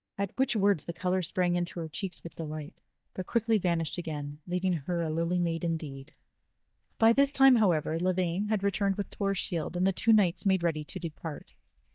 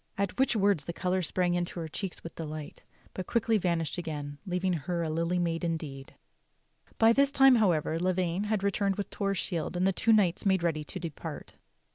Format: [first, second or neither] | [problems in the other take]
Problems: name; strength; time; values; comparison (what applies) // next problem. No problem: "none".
second | noise reduction (neural mask model DeepFilterNet 3)